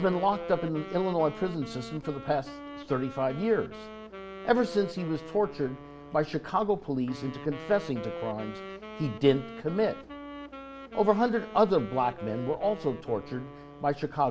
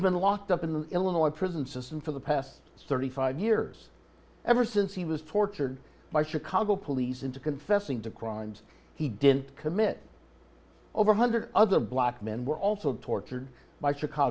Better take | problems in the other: second | background sound (Wind instrument, woodwind instrument); 13 dB below the speech

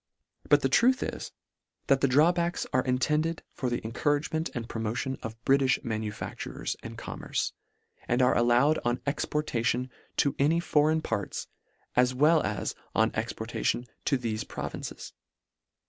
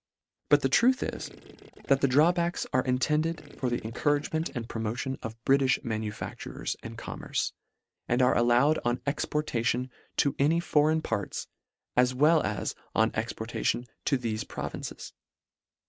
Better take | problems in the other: first | noise reduction (neural mask model RNNoise)

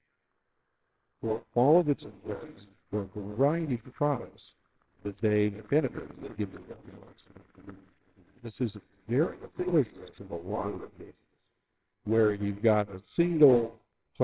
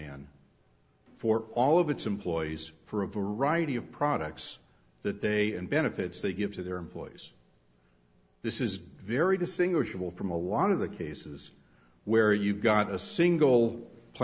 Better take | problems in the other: second | noise reduction (neural separator model SepFormer WHAMR!)

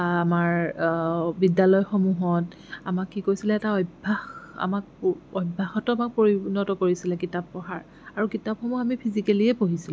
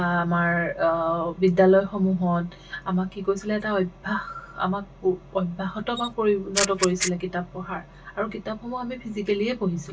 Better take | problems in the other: first | background sound (Camera); 5 dB below the speech // room echo; dies away in 0.1 s

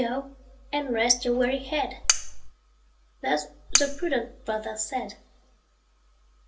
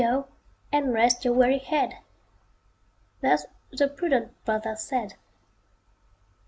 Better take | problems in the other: second | background sound (Cutlery, silverware); 4 dB above the speech // room echo; dies away in 0.2 s

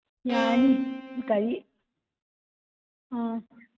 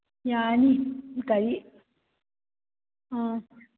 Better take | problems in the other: second | noise reduction (neural mask model RNNoise)

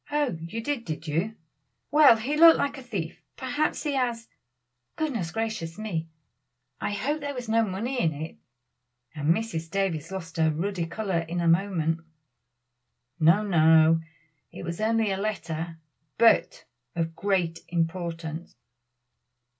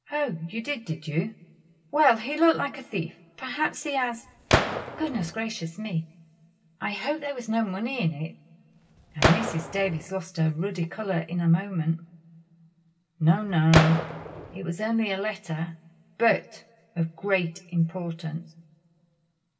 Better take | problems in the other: first | background sound (Gunshot, gunfire); 1 dB below the speech // room echo; dies away in 0.5 s

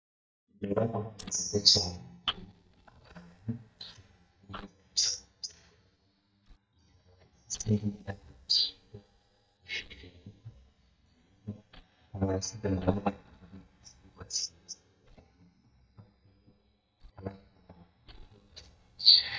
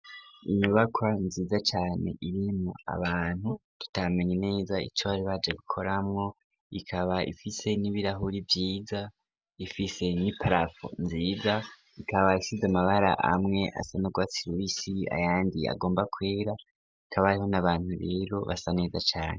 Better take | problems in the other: second | noise reduction (neural mask model DeepFilterNet 3)

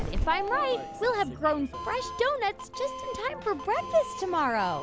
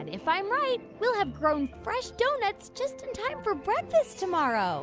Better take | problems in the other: second | background sound (Doorbell); 8 dB below the speech

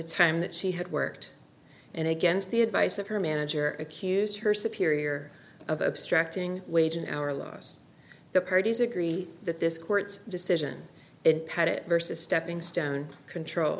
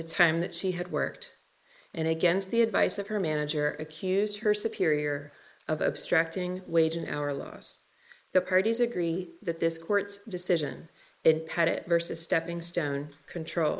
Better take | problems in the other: first | noise reduction (neural mask model Resemble Enhance denoiser)

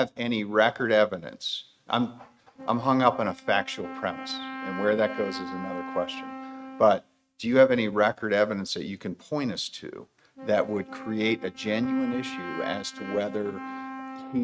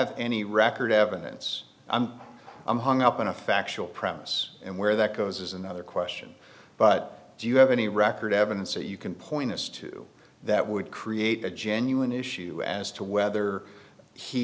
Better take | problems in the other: second | noise reduction (neural mask model RNNoise)

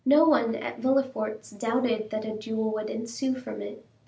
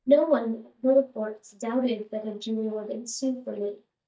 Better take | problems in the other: first | noise reduction (neural mask model DeepFilterNet 3)

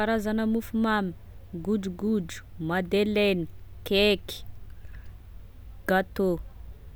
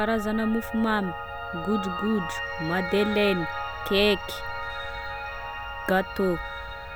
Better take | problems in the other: first | background sound (Piano); 7 dB below the speech

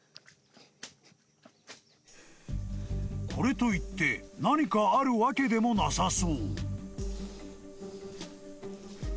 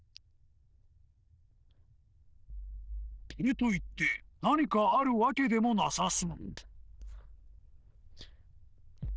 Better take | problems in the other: first | noise reduction (neural diffusion model UNIVERSE++)

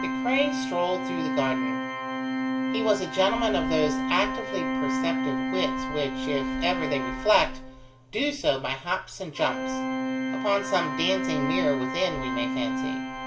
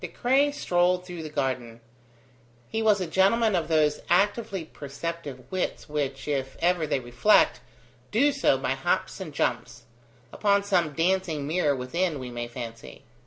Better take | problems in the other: second | background sound (Organ); 1 dB below the speech // room echo; dies away in 0.3 s

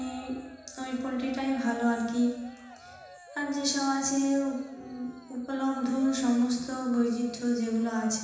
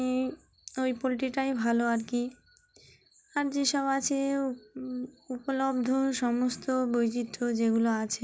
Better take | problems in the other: second | background sound (Cheering); 19 dB below the speech // room echo; dies away in 1.1 s

